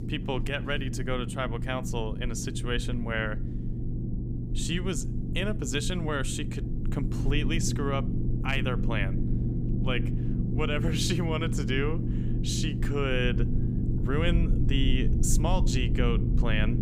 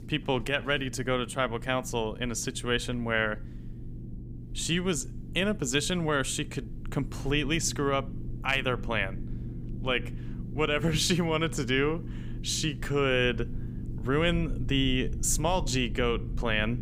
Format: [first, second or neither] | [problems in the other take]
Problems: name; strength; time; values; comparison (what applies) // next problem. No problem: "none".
second | low rumble; loud; throughout; 8 dB below the speech; faint in the second